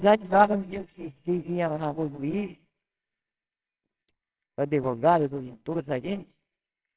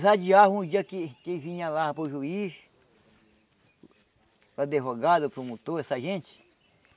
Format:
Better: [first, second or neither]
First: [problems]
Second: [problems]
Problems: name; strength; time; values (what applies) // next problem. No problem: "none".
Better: second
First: noise reduction (neural separator model SepFormer WHAMR!)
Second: none